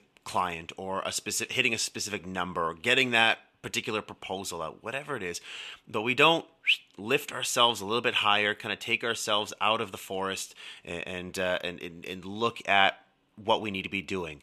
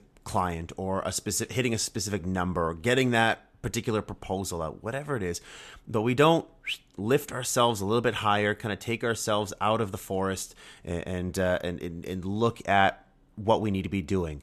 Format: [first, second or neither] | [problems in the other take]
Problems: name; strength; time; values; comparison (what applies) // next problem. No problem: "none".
second | thin; very slightly; fading below 600 Hz